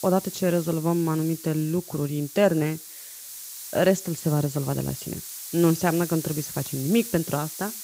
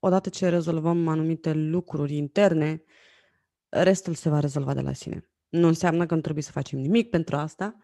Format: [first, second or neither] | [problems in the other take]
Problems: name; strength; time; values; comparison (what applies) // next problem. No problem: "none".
second | hiss; noticeable; throughout; 10 dB below the speech